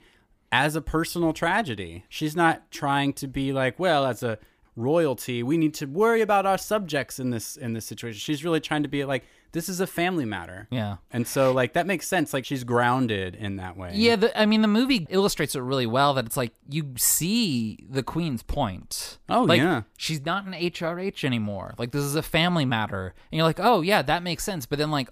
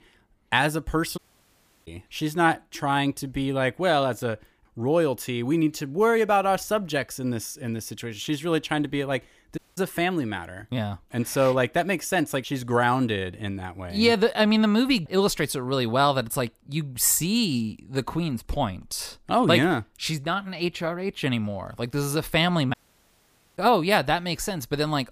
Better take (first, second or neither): first